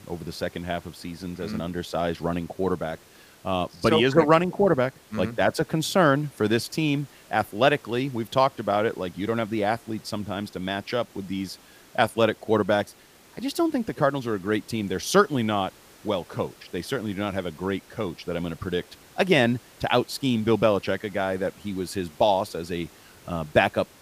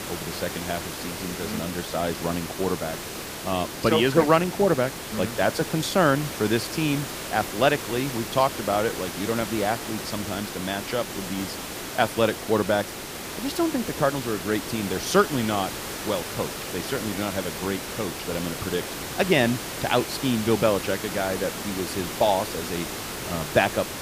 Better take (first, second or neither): first